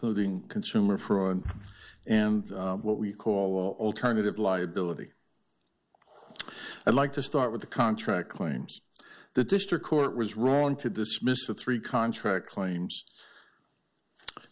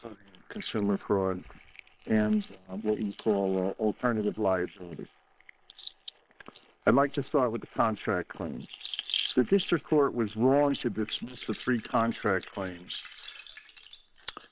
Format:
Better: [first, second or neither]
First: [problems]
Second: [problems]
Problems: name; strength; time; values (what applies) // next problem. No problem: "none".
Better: first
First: none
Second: noise reduction (neural separator model SepFormer WHAM!)